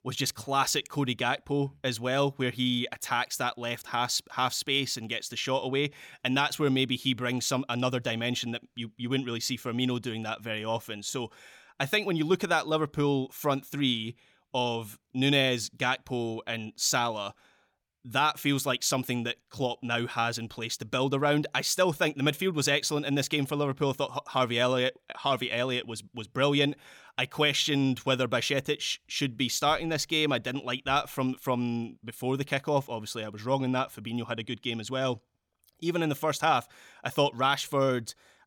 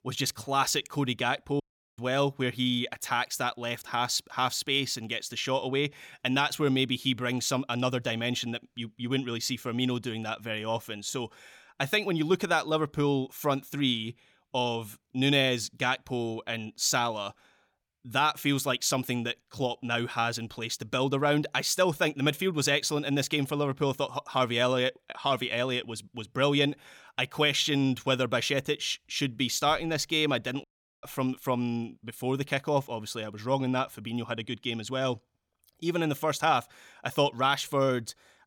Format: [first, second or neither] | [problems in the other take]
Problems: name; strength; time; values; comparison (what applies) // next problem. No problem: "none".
first | audio cutting out; at 1.5 s and at 31 s